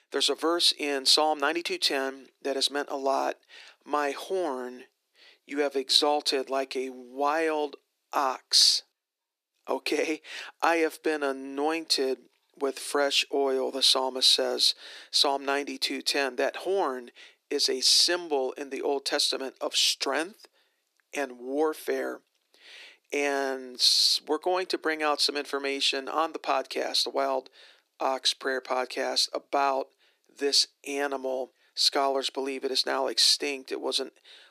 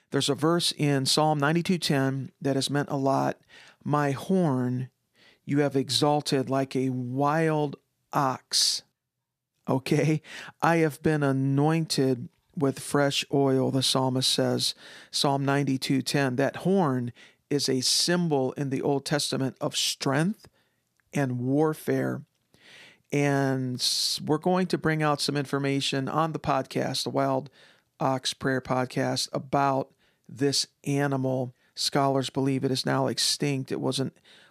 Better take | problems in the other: second | thin; somewhat; fading below 300 Hz

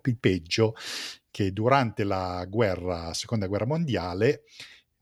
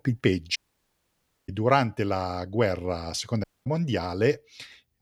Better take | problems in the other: first | audio cutting out; at 0.5 s for 1 s and at 3.5 s

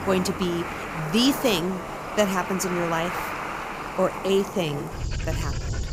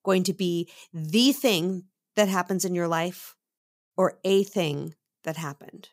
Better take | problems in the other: second | animal sounds; loud; throughout; 6 dB below the speech

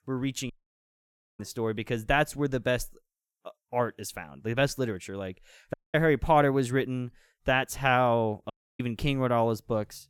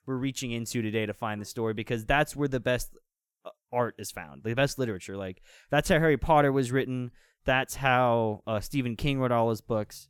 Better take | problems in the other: second | audio cutting out; at 0.5 s for 1 s, at 5.5 s and at 8.5 s

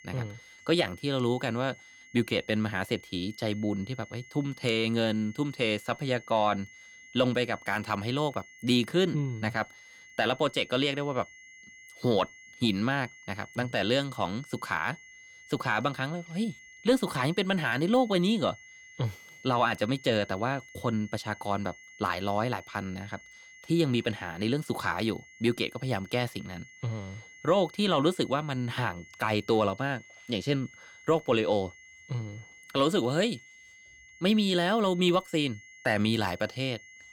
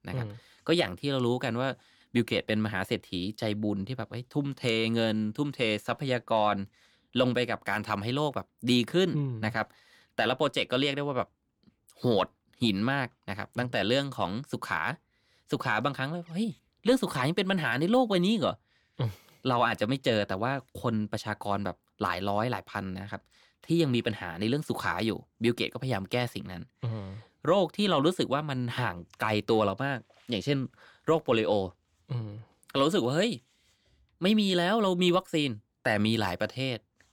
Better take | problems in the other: second | high-pitched whine; faint; throughout; 2 kHz, 20 dB below the speech

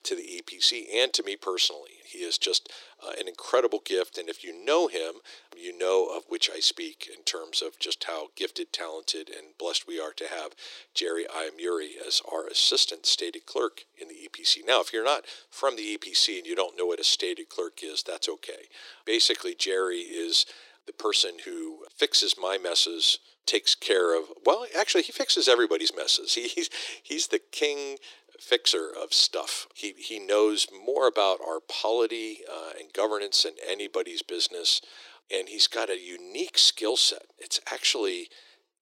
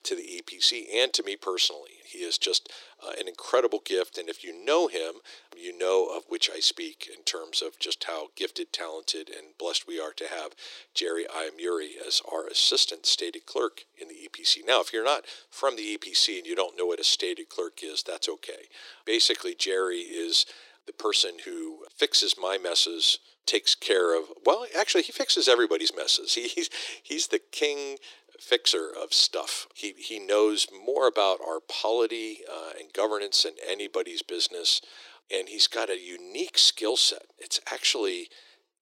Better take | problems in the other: neither | thin; very; fading below 300 Hz; the same in both

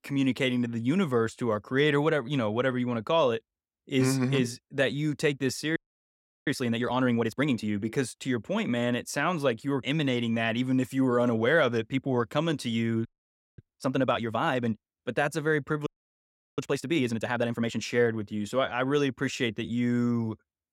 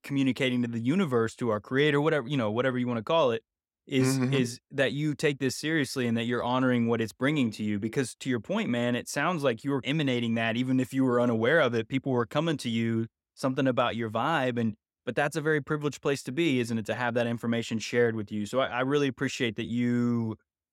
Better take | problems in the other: second | audio freezing; at 6 s for 0.5 s, at 13 s for 0.5 s and at 16 s for 0.5 s

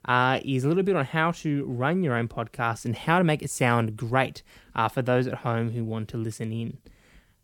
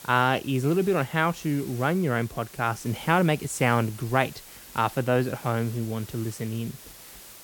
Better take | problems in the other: first | hiss; noticeable; throughout; 20 dB below the speech

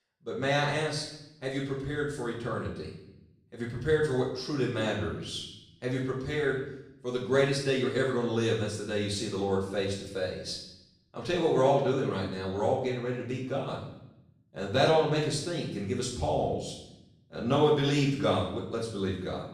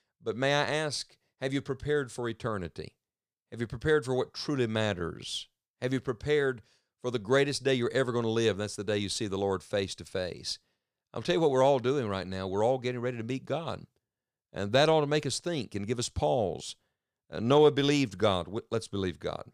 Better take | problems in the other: second | room echo; noticeable; dies away in 0.8 s // off-mic speech; far

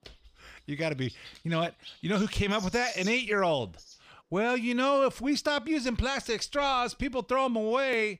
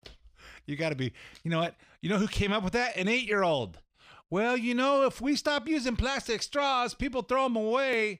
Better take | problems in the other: second | animal sounds; noticeable; throughout; 15 dB below the speech

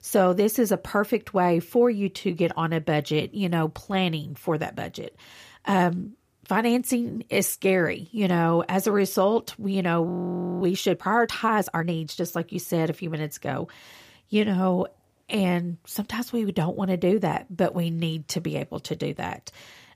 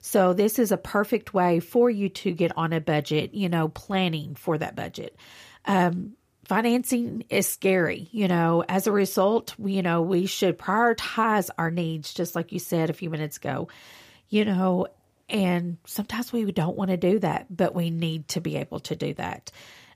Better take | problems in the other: second | audio freezing; at 10 s for 0.5 s

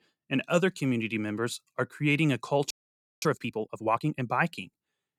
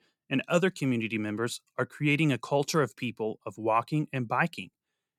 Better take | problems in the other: second | audio freezing; at 2.5 s for 0.5 s

